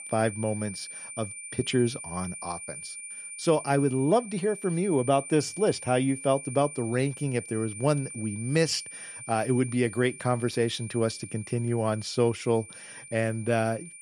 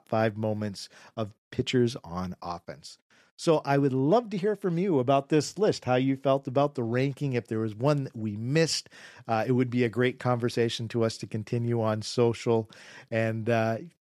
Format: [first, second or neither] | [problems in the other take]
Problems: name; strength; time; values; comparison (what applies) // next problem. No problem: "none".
second | high-pitched whine; noticeable; throughout; 9 kHz, 10 dB below the speech